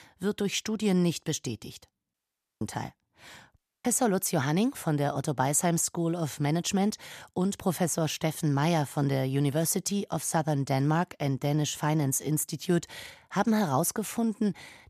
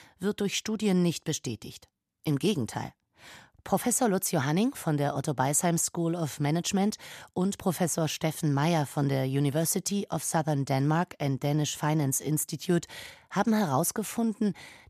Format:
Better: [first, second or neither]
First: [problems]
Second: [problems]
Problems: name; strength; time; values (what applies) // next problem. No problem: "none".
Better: second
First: audio cutting out; at 2 s and at 3.5 s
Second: none